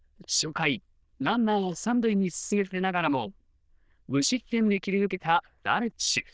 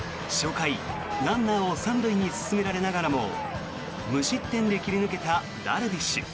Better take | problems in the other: second | noise reduction (neural diffusion model UNIVERSE++)

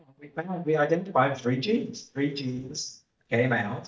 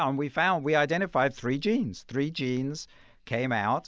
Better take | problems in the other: second | noise reduction (neural mask model DeepFilterNet 3)

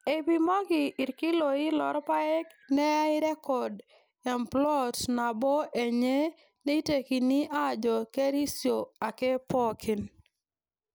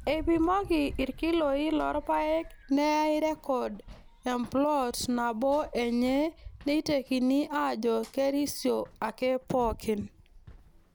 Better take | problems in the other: first | background sound (Run); 18 dB below the speech

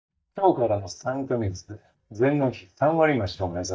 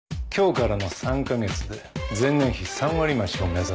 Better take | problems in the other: second | noise reduction (neural mask model DeepFilterNet 3)

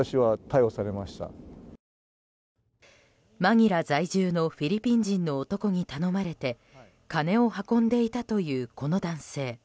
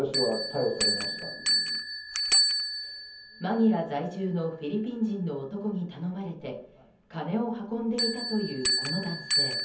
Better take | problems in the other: first | background sound (Bell); as loud as the speech // room echo; dies away in 0.7 s

